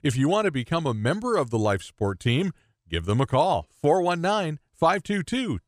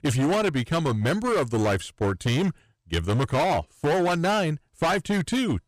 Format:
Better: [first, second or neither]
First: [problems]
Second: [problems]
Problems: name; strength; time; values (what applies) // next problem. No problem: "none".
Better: first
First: none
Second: distortion; heavy; 20% of the sound clipped